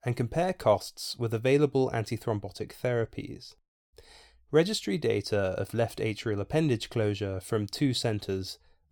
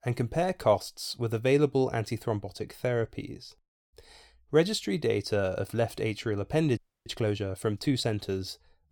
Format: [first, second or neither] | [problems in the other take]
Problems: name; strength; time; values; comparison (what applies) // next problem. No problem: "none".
first | audio freezing; at 7 s